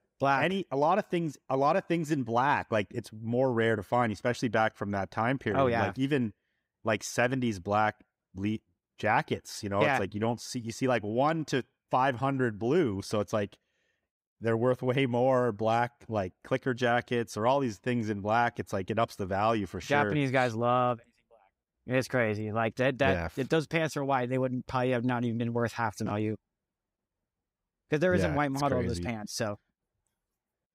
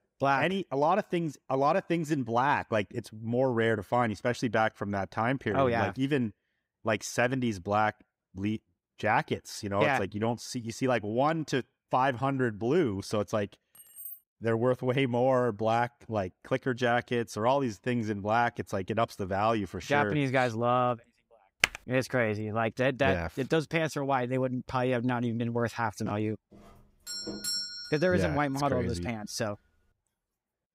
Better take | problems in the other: first | jangling keys; faint; at 14 s; peak 10 dB below the speech // keyboard typing; very faint; at 22 s; peak 1 dB above the speech // doorbell; noticeable; from 27 to 28 s; peak 2 dB below the speech

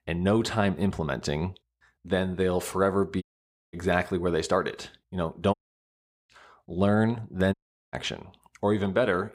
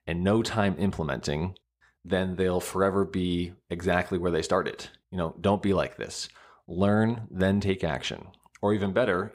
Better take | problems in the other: second | audio cutting out; at 3 s for 0.5 s, at 5.5 s for 1 s and at 7.5 s

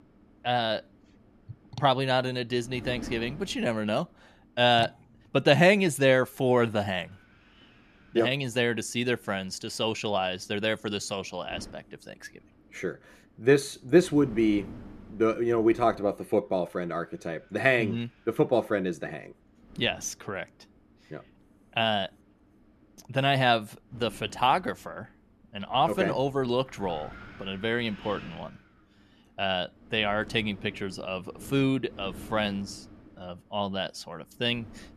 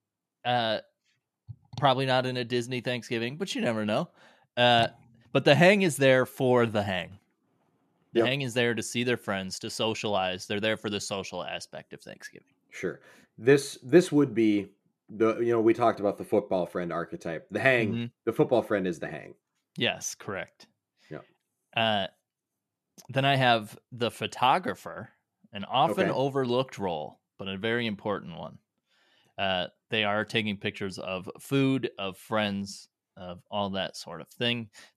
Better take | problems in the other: second | wind noise on the microphone; occasional gusts; 25 dB below the speech

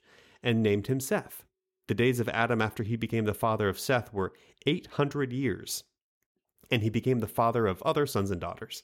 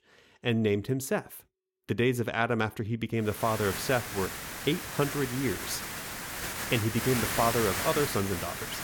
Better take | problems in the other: first | hiss; loud; from 3.5 s on; 4 dB below the speech

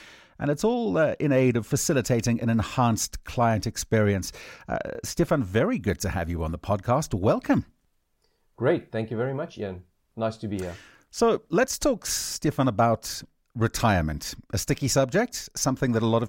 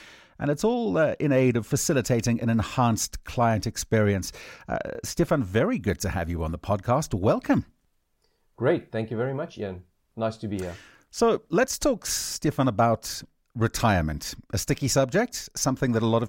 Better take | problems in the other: neither | none

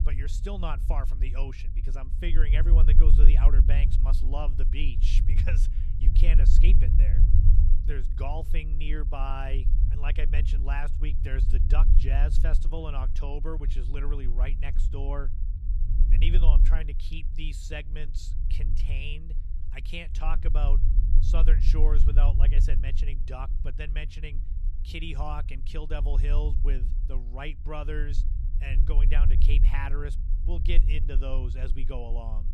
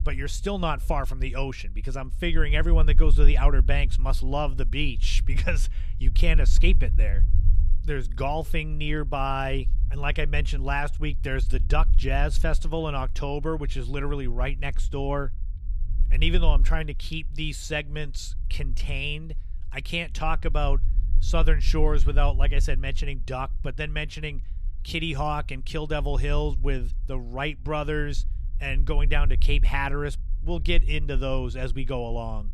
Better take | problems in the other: second | low rumble; loud; throughout; 8 dB below the speech; faint in the second

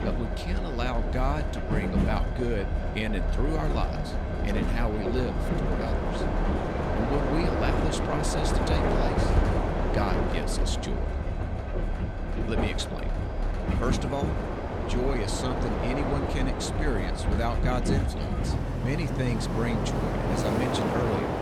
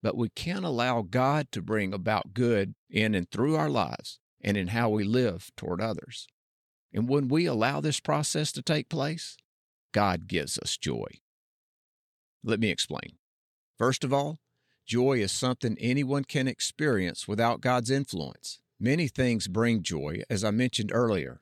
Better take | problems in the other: second | train or aircraft noise; very loud; throughout; 4 dB above the speech

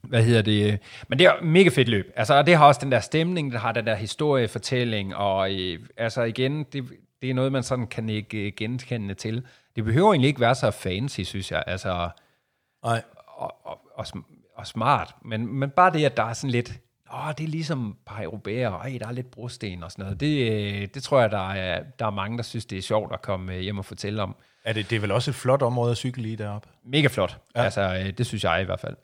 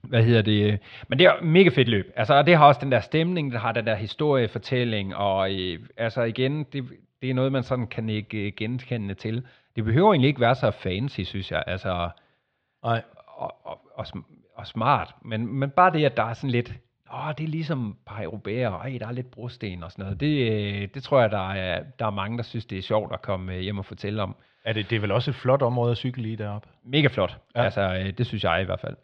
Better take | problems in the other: first | muffled; slightly; fading above 3.5 kHz

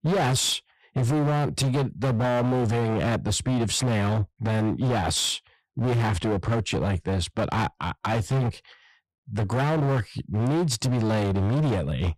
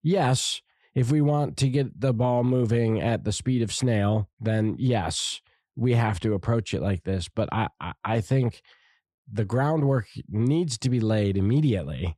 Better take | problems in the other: second | distortion; heavy; 26% of the sound clipped

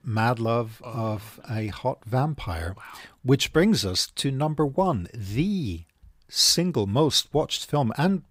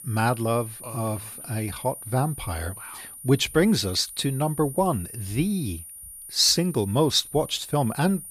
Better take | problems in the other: first | high-pitched whine; noticeable; throughout; 9.5 kHz, 15 dB below the speech

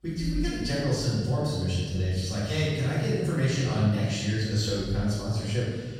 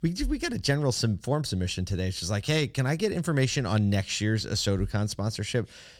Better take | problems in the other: second | off-mic speech; far // room echo; strong; dies away in 1.5 s

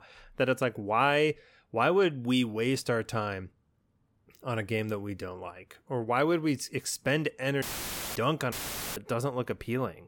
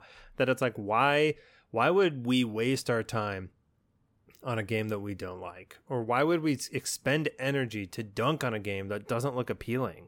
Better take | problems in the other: second | audio cutting out; filled with static; at 7.5 s for 0.5 s and at 8.5 s

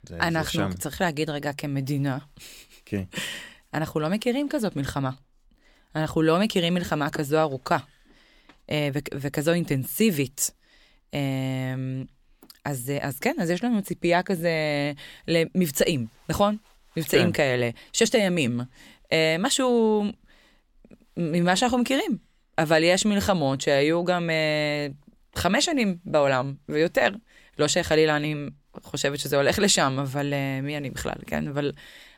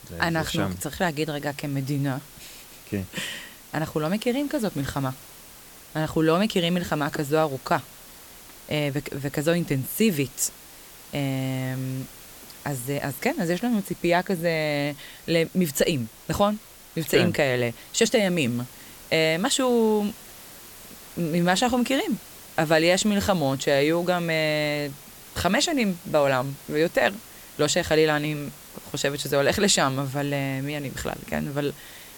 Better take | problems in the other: first | hiss; noticeable; throughout; 20 dB below the speech

